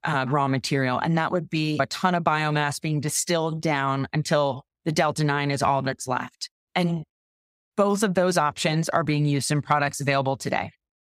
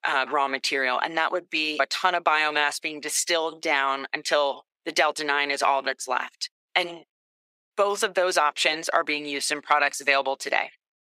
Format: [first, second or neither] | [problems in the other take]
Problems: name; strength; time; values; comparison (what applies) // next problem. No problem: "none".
first | thin; very; fading below 350 Hz